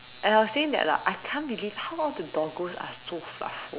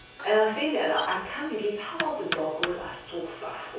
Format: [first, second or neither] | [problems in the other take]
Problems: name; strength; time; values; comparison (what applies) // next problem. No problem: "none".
first | background sound (Knock); 10 dB below the speech // room echo; dies away in 0.6 s